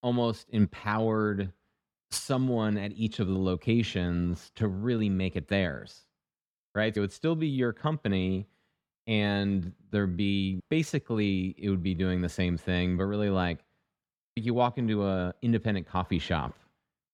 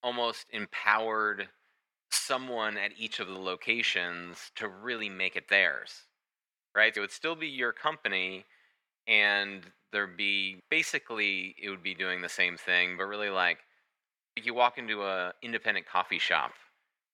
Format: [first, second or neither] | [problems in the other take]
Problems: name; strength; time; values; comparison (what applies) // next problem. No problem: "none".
first | thin; very; fading below 700 Hz